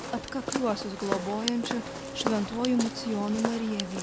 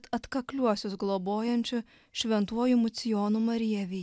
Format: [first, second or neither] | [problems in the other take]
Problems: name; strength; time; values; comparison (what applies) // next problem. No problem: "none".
second | background sound (Walk, footsteps); 4 dB below the speech